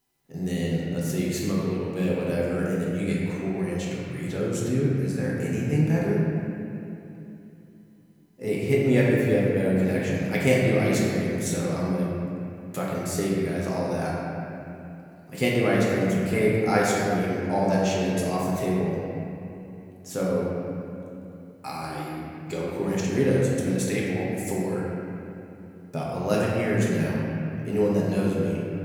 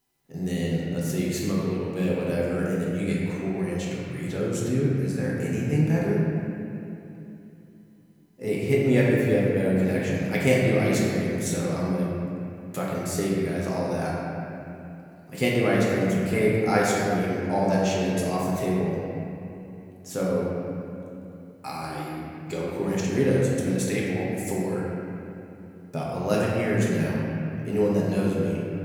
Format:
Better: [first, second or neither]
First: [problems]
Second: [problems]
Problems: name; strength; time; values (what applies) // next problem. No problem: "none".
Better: neither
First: room echo; strong; dies away in 2.7 s // off-mic speech; far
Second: room echo; strong; dies away in 2.7 s // off-mic speech; far